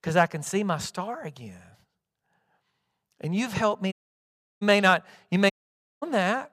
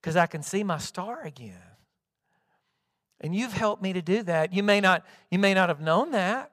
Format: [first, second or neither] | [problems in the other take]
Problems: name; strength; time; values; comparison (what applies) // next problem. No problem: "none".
second | audio cutting out; at 4 s for 0.5 s and at 5.5 s for 0.5 s